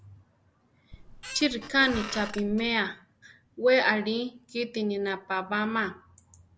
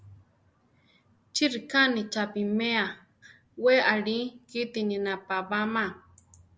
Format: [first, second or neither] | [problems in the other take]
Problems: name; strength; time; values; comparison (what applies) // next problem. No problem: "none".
second | background sound (Squeak); 11 dB below the speech